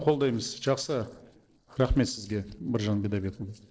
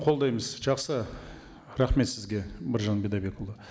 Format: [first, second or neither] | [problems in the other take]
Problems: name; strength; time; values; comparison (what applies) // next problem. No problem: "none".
second | noise reduction (neural separator model SepFormer DNS4)